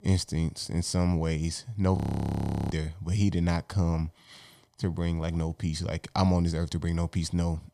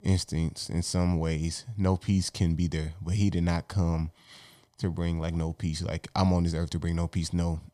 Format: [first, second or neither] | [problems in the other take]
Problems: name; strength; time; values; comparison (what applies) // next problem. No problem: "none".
second | audio freezing; at 2 s for 0.5 s